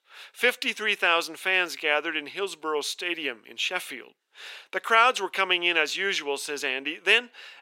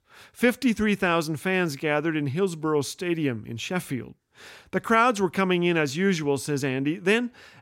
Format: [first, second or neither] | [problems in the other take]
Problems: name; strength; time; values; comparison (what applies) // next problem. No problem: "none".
second | thin; very; fading below 450 Hz